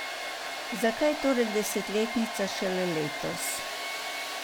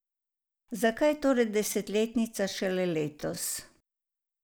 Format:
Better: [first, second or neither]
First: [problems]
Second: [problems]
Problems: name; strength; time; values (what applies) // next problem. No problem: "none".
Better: second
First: background sound (Domestic sounds, home sounds); 4 dB below the speech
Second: none